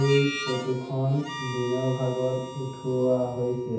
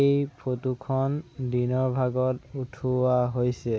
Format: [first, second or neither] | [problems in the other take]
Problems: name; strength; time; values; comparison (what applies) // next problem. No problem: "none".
second | background sound (Harmonica); 11 dB below the speech // room echo; dies away in 0.8 s